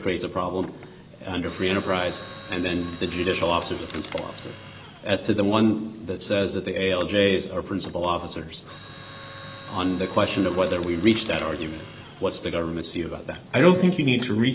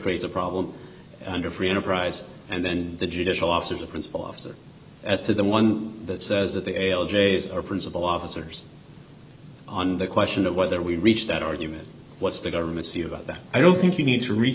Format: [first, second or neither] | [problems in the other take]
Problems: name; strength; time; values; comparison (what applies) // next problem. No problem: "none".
second | background sound (Mechanisms); 19 dB below the speech